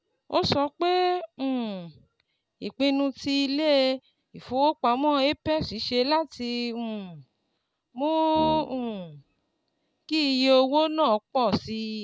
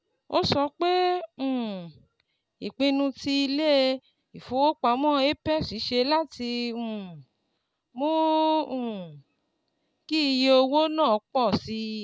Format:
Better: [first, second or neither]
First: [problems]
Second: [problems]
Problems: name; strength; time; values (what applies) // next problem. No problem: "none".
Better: second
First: background sound (Brass instrument); 13 dB below the speech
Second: none